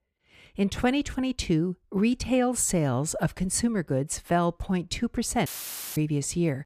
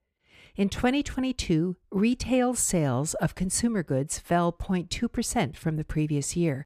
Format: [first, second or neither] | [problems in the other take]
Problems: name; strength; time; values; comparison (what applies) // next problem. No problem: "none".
second | audio cutting out; filled with static; at 5.5 s for 0.5 s